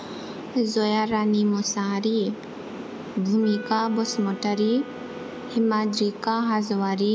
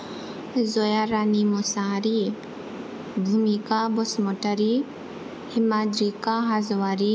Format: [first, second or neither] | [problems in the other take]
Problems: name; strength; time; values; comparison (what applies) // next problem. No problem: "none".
second | background sound (Wind instrument, woodwind instrument); 17 dB below the speech